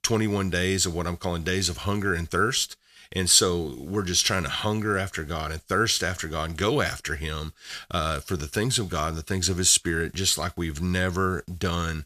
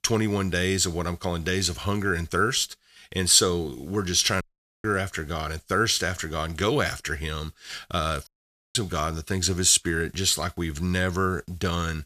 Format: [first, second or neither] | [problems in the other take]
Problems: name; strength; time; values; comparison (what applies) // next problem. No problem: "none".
first | audio cutting out; at 4.5 s and at 8.5 s